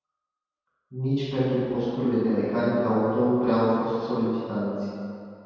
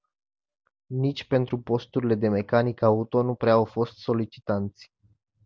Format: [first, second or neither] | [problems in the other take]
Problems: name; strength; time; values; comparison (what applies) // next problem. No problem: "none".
second | room echo; dies away in 2.1 s